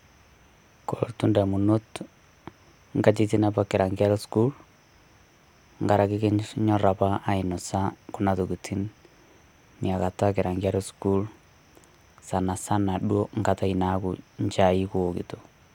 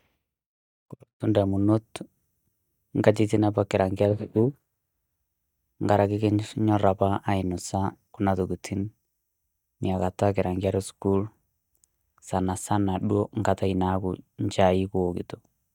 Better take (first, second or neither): first